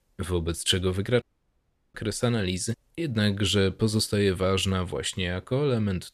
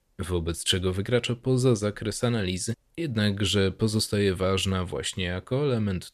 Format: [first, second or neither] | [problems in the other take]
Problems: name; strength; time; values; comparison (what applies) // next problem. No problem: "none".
second | audio cutting out; at 1 s for 0.5 s